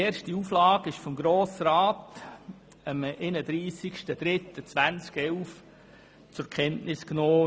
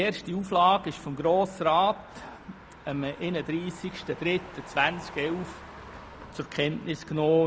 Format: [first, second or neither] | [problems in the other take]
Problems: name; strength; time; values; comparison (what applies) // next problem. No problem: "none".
first | background sound (Motor vehicle (road)); 19 dB below the speech